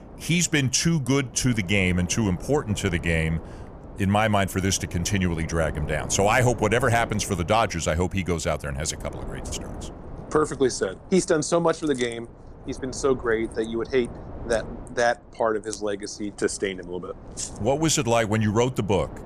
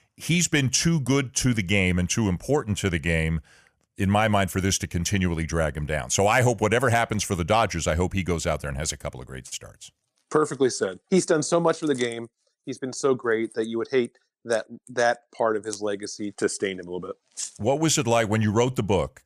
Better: second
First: wind noise on the microphone; occasional gusts; 20 dB below the speech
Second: none

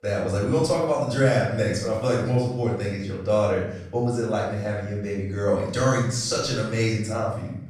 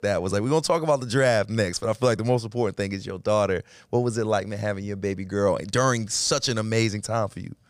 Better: second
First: off-mic speech; far // room echo; noticeable; dies away in 0.8 s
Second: none

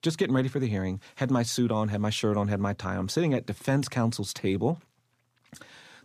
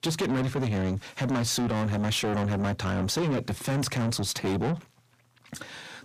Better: first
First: none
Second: distortion; heavy; 6 dB below the speech

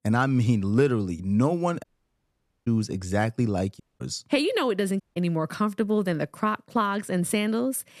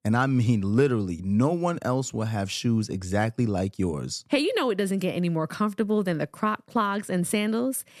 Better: second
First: audio cutting out; at 2 s for 1 s, at 4 s and at 5 s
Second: none

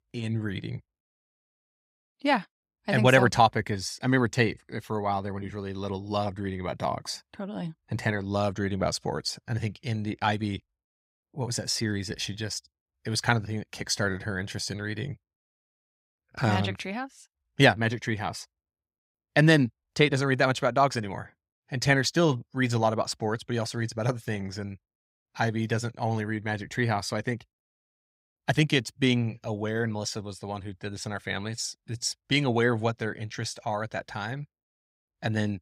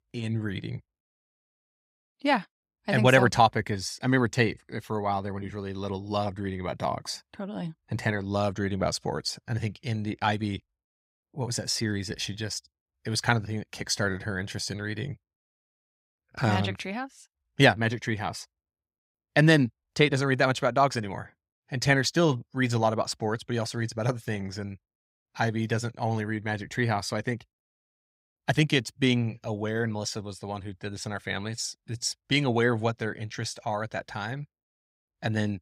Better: neither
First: none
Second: none

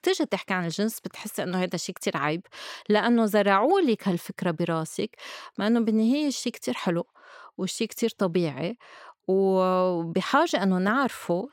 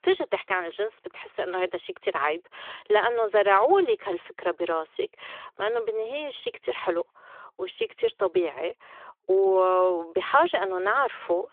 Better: first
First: none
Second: phone-call audio; nothing above 3.5 kHz

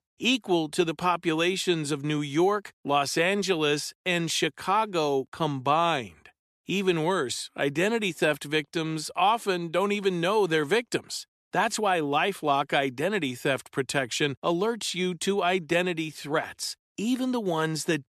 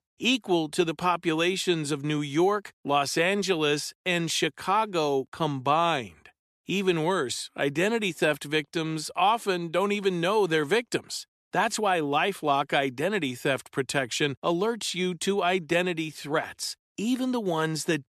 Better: neither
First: none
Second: none

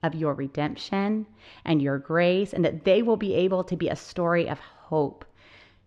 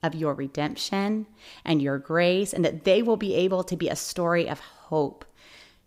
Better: second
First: muffled; slightly; fading above 3 kHz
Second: none

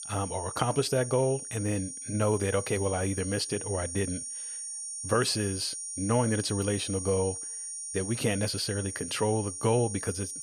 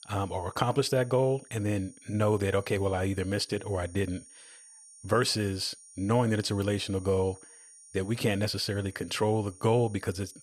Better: second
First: high-pitched whine; loud; throughout; 9 kHz, 6 dB below the speech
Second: high-pitched whine; faint; throughout; 9 kHz, 20 dB below the speech

